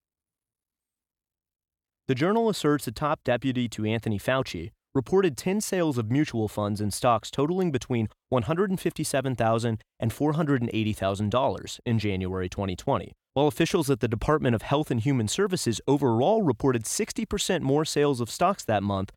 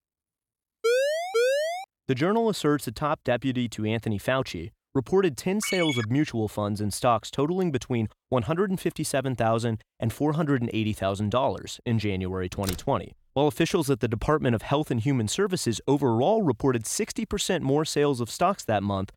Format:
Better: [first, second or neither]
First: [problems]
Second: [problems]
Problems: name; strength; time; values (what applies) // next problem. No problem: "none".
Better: first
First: none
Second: siren; loud; from 1 to 2 s; peak 3 dB above the speech // phone ringing; noticeable; at 5.5 s; peak 3 dB below the speech // door banging; faint; at 13 s; peak 10 dB below the speech